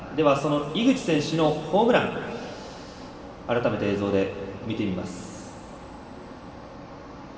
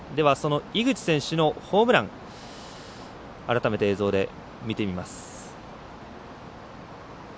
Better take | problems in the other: second | room echo; dies away in 2.1 s

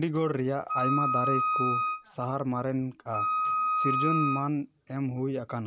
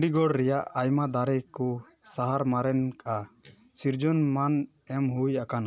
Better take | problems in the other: second | background sound (Wind instrument, woodwind instrument); 2 dB above the speech

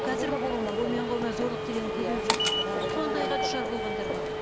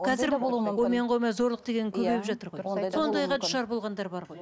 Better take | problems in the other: second | background sound (Walk, footsteps / Subway, metro, underground + Wind instrument, woodwind instrument); 2 dB above the speech

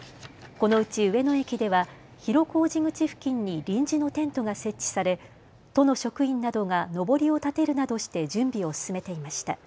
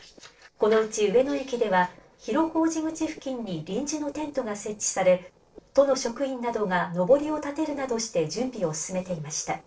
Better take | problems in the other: first | noise reduction (neural separator model SepFormer DNS4)

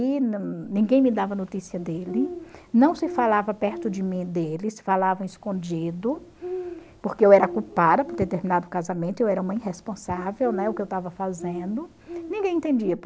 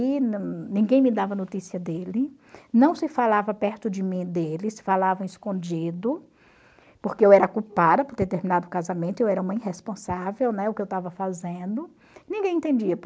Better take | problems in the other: second | background sound (Bird); 14 dB below the speech

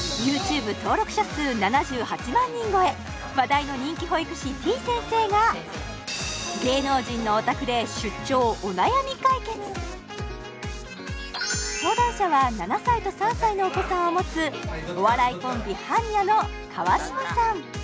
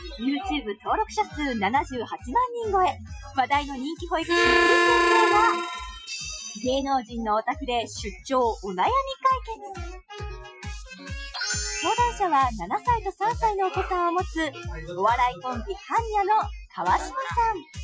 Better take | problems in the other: first | noise reduction (classical method Wiener filter)

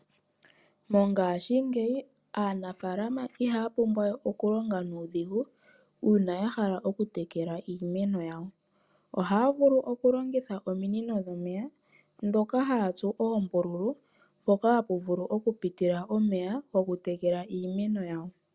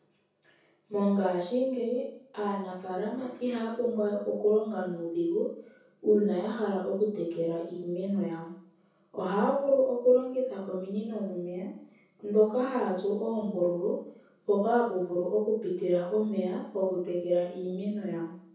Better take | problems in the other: first | room echo; dies away in 0.6 s

